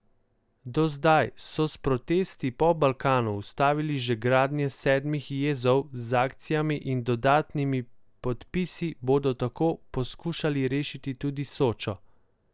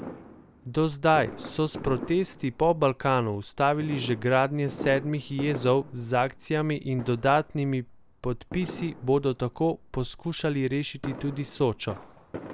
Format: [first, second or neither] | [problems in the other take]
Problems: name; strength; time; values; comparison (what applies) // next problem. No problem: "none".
first | background sound (Fireworks); 15 dB below the speech